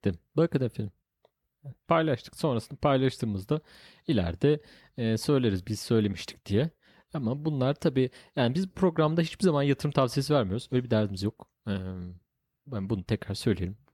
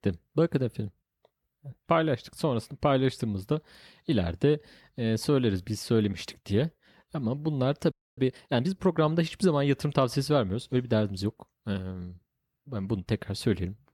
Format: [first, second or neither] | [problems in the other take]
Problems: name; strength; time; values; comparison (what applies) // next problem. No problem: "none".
first | audio freezing; at 8 s